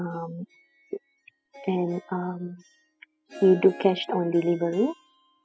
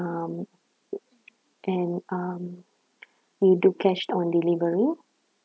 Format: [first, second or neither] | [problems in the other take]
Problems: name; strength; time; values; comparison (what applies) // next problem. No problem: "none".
second | noise reduction (classical method spectral subtraction)